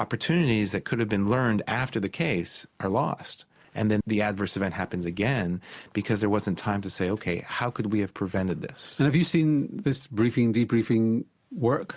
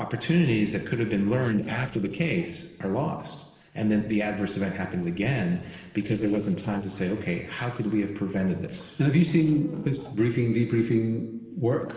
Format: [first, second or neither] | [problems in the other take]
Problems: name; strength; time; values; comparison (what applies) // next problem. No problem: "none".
first | noise reduction (neural separator model SepFormer DNS4)